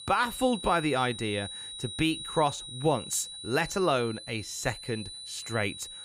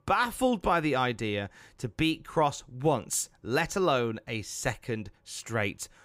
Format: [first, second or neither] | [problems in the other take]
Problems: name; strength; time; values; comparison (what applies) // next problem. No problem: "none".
second | high-pitched whine; loud; throughout; 4 kHz, 10 dB below the speech